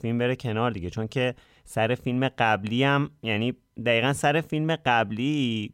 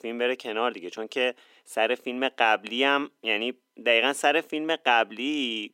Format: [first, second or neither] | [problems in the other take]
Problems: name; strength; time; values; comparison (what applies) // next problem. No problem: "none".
first | thin; somewhat; fading below 300 Hz